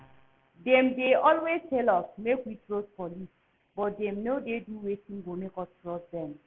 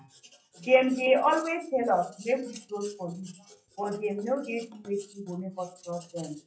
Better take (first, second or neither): first